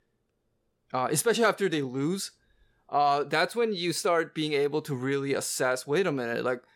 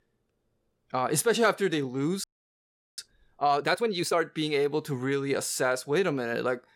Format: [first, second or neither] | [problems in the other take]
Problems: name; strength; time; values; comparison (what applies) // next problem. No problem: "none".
first | audio freezing; at 2 s for 0.5 s